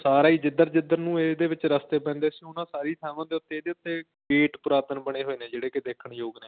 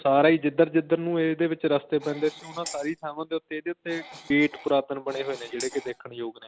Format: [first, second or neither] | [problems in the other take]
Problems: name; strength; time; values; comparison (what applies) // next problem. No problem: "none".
first | background sound (Cough + Tambourine); 18 dB below the speech